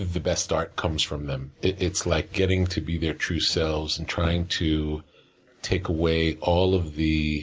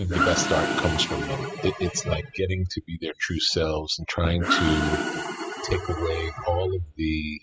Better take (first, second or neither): first